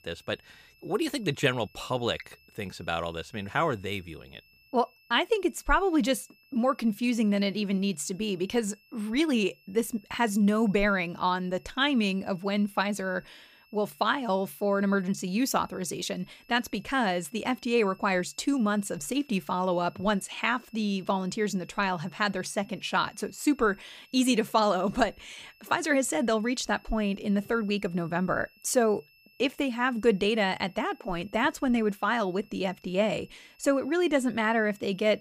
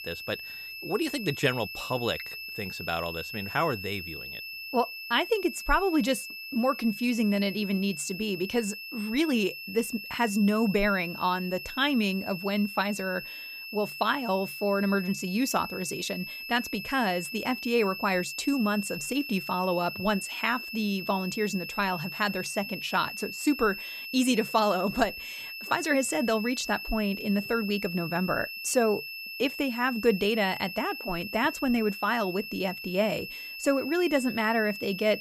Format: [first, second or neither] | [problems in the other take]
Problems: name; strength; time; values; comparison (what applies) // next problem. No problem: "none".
first | high-pitched whine; loud; throughout; 2.5 kHz, 8 dB below the speech; faint in the first